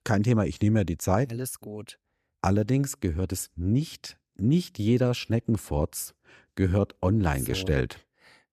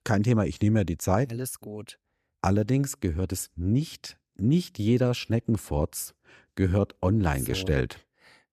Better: neither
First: none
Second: none

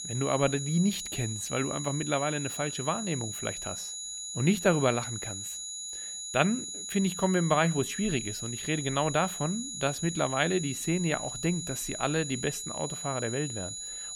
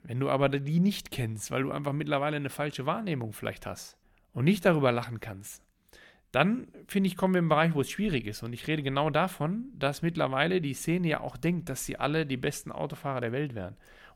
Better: second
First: high-pitched whine; loud; throughout; 7 kHz, 5 dB below the speech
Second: none

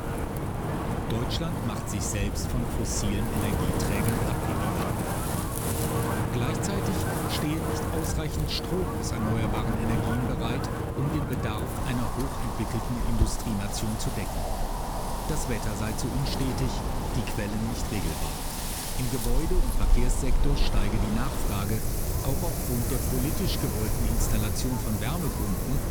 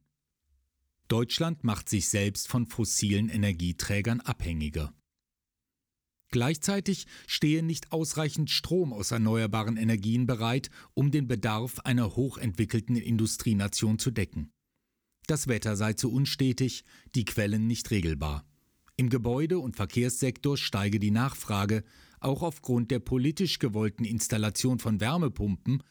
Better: second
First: wind in the background; very loud; throughout; 2 dB above the speech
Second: none

